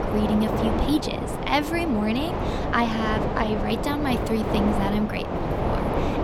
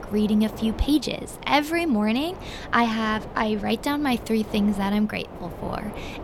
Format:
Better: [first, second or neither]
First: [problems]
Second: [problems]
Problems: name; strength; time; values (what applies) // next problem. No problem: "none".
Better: second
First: wind noise on the microphone; heavy; 1 dB below the speech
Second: wind noise on the microphone; occasional gusts; 15 dB below the speech